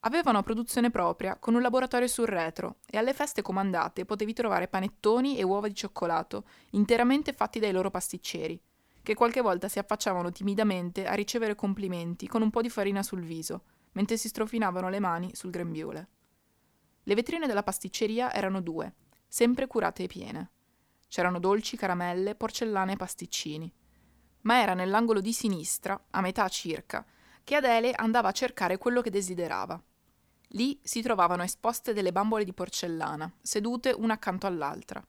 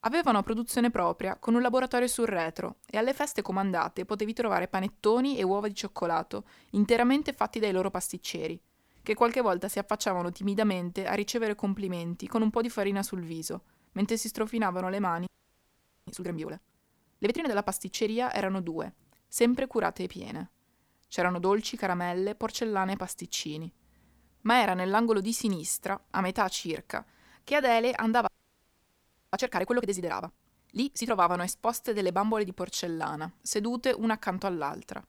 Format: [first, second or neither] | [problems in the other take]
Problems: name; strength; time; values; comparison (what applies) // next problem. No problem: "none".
first | audio freezing; at 15 s for 1 s and at 28 s for 1 s